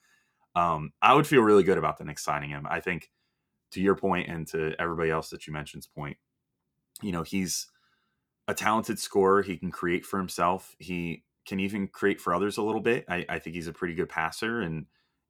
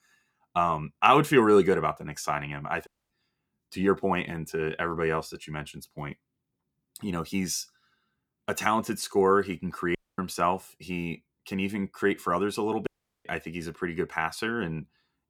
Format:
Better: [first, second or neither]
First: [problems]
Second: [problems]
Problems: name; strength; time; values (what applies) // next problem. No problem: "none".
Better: first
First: none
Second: audio cutting out; at 3 s, at 10 s and at 13 s